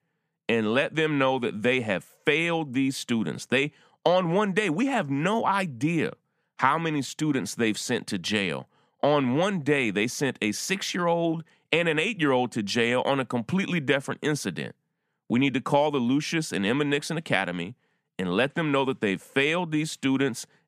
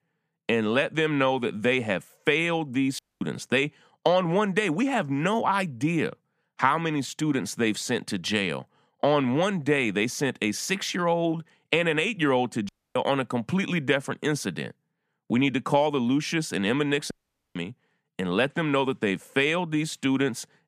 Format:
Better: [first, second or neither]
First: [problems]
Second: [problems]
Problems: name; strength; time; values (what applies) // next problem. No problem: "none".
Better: first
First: none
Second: audio cutting out; at 3 s, at 13 s and at 17 s